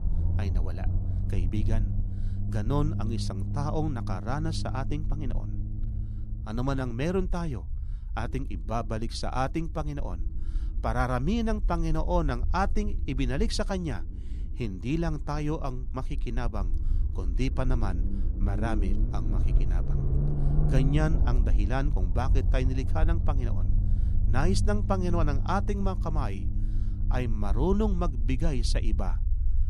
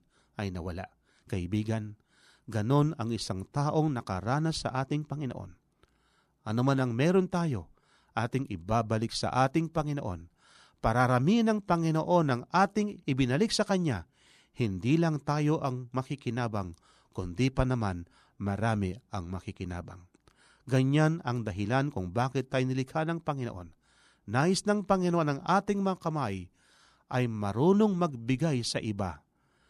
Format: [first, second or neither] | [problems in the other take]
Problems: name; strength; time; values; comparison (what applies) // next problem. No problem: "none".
second | low rumble; noticeable; throughout; 10 dB below the speech